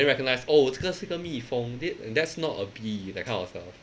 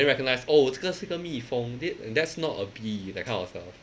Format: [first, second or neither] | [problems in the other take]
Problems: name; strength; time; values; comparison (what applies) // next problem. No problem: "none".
second | background sound (Raindrop / Drip); 19 dB below the speech